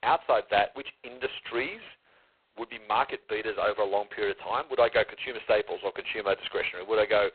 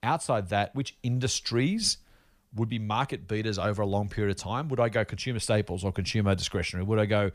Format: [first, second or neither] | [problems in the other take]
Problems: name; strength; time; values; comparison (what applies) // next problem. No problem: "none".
second | phone-call audio; poor line; nothing above 4 kHz